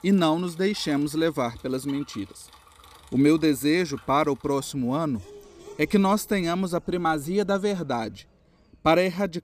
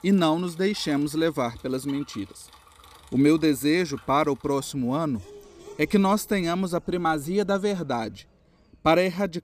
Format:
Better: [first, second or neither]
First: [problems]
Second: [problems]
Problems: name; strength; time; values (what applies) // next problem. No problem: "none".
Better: neither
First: traffic noise; faint; throughout; 25 dB below the speech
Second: traffic noise; faint; throughout; 25 dB below the speech